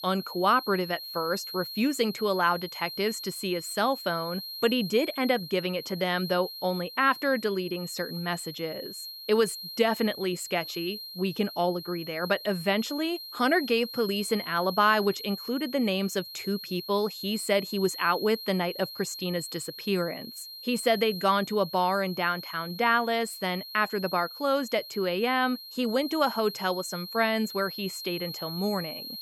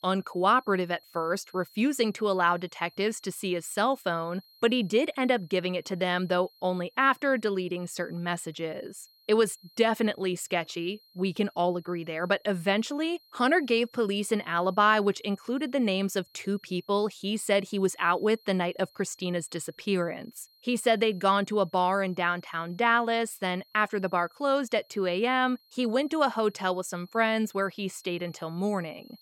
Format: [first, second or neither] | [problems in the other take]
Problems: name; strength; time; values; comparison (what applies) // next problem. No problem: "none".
second | high-pitched whine; loud; throughout; 4 kHz, 10 dB below the speech; faint in the second